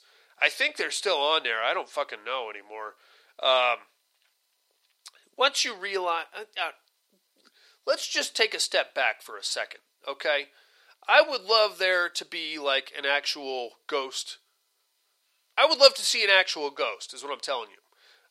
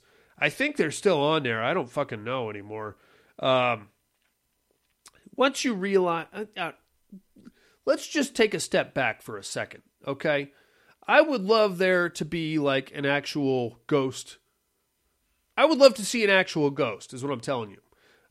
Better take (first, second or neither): second